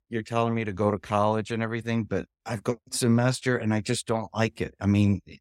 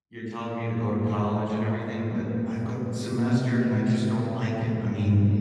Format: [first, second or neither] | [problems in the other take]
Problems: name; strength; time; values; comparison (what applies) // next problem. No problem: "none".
first | room echo; strong; dies away in 3 s // off-mic speech; far